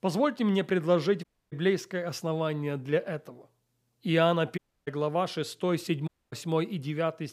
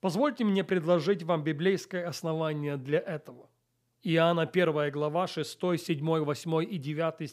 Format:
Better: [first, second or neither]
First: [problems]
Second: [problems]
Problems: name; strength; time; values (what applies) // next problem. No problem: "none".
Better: second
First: audio cutting out; at 1 s, at 4.5 s and at 6 s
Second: none